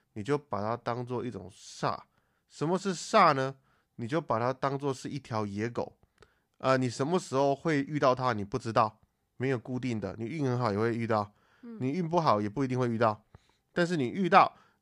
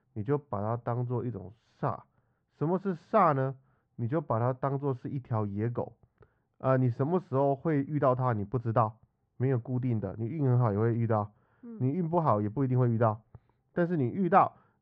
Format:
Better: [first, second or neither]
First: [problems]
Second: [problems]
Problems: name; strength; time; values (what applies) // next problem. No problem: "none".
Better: first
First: none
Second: muffled; very; fading above 1 kHz